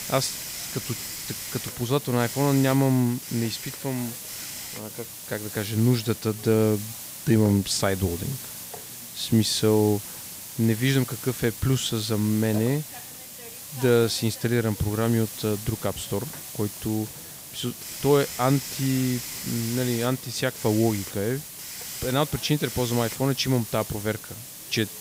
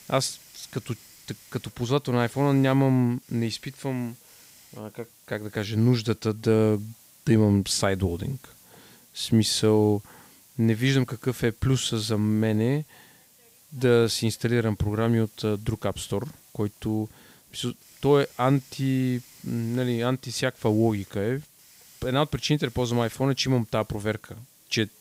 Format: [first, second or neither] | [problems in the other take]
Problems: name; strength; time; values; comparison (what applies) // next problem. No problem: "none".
second | hiss; loud; throughout; 9 dB below the speech; faint in the second